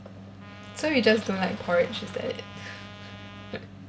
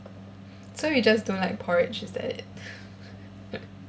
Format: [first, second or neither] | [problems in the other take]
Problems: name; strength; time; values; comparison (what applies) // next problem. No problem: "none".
second | background sound (Bicycle + Trumpet); 16 dB below the speech